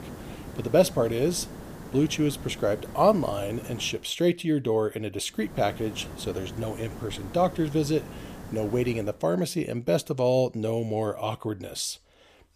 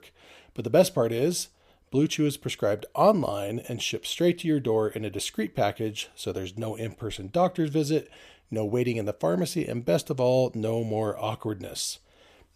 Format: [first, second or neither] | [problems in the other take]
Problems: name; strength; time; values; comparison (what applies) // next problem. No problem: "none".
second | hiss; noticeable; until 4 s and from 5.5 to 9 s; 15 dB below the speech